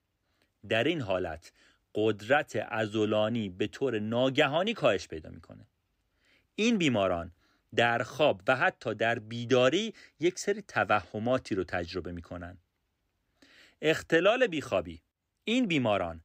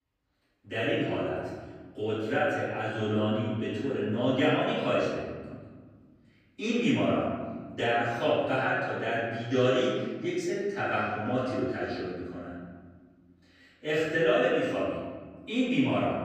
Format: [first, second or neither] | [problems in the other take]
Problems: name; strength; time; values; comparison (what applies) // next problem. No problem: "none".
first | off-mic speech; far // room echo; strong; dies away in 1.5 s